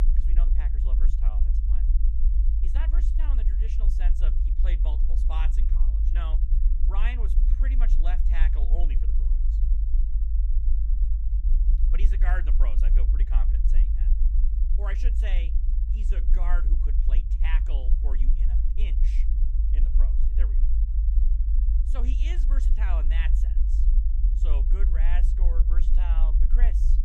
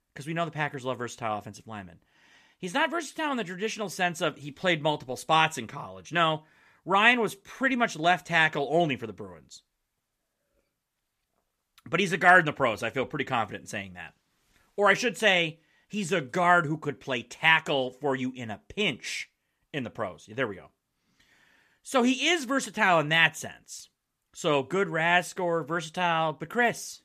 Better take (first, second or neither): second